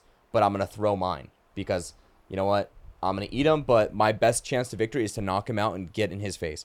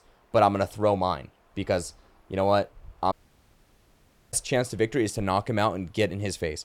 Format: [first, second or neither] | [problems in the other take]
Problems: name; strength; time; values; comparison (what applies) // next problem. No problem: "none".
first | audio cutting out; at 3 s for 1 s